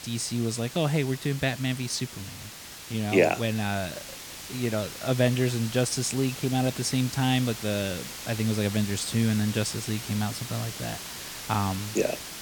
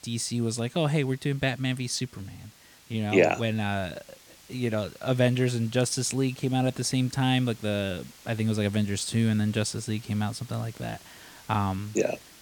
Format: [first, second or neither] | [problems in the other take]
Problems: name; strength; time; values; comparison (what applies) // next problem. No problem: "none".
second | hiss; loud; throughout; 10 dB below the speech; faint in the second